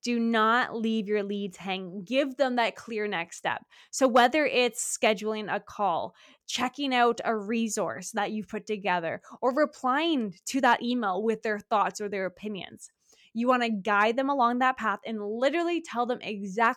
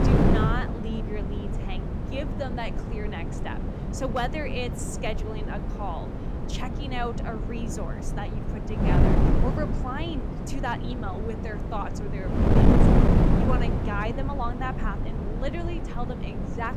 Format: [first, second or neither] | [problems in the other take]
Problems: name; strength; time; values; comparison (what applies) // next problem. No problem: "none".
first | wind noise on the microphone; heavy; as loud as the speech